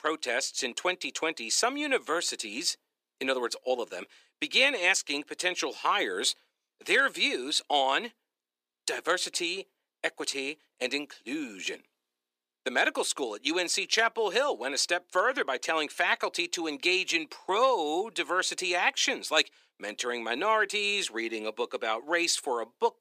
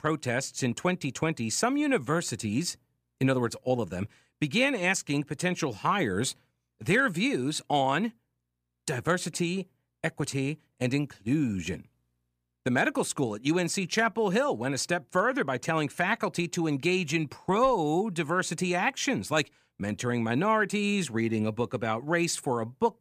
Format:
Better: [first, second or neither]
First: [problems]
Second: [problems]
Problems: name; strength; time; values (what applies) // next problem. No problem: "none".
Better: second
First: thin; somewhat; fading below 350 Hz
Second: none